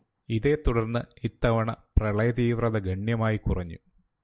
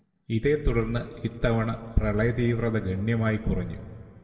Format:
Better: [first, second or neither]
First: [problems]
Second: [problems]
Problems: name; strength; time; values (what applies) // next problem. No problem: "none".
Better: first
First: none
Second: room echo; dies away in 1.6 s